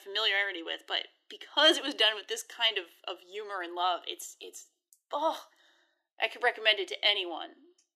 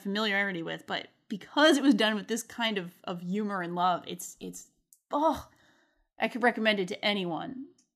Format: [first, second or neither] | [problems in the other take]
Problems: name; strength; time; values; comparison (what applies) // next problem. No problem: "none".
second | thin; very; fading below 350 Hz